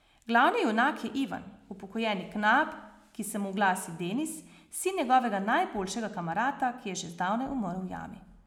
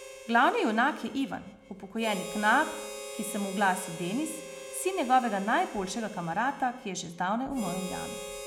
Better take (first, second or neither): first